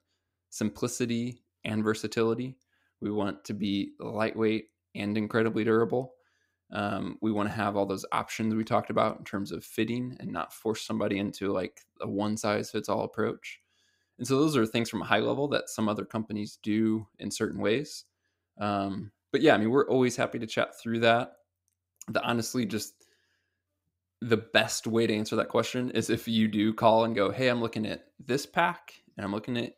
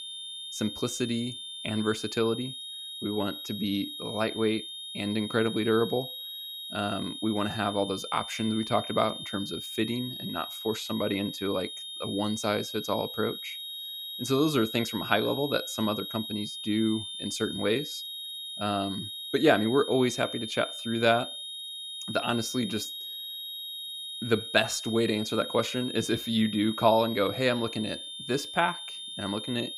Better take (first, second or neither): first